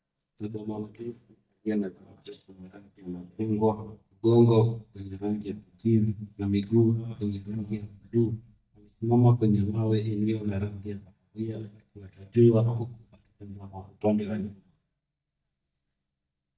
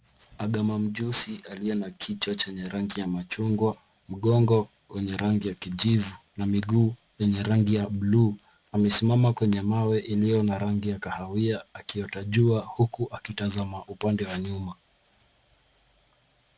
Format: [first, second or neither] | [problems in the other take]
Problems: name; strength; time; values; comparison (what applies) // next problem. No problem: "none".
second | noise reduction (neural mask model DeepFilterNet 3)